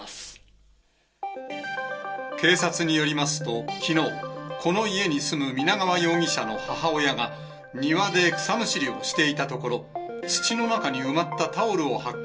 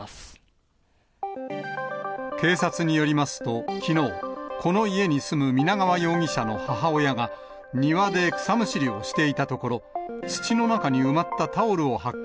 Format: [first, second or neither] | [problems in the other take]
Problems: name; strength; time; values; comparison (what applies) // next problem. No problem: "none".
second | room echo; dies away in 0.2 s